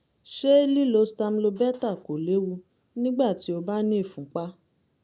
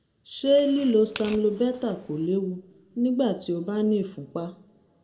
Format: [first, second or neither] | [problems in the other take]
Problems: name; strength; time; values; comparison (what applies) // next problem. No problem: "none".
first | background sound (Tearing); 19 dB below the speech // room echo; dies away in 1.2 s